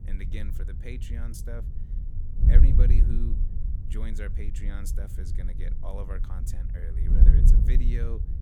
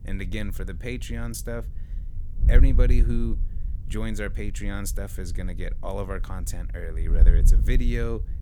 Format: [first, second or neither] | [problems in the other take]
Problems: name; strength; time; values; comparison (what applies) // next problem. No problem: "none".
second | wind noise on the microphone; heavy; 1 dB below the speech; occasional gusts in the second